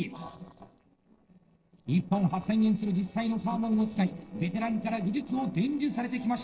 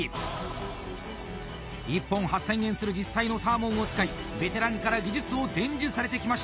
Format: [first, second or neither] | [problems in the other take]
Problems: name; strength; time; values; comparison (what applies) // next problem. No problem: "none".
second | noise reduction (neural separator model SepFormer DNS4)